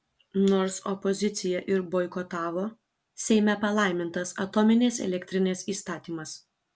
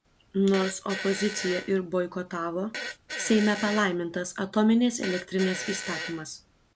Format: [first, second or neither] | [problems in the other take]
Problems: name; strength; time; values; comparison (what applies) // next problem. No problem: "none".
first | background sound (Fart); 11 dB below the speech